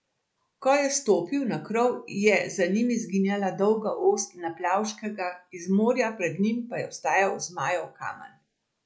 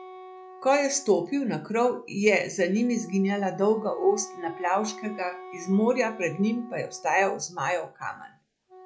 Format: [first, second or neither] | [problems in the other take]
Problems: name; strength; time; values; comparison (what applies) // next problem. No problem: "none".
first | background sound (Wind instrument, woodwind instrument); 19 dB below the speech